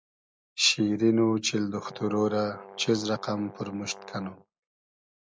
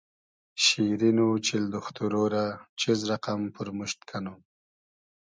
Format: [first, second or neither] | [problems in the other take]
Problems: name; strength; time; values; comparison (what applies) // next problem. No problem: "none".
second | background sound (Brass instrument); 18 dB below the speech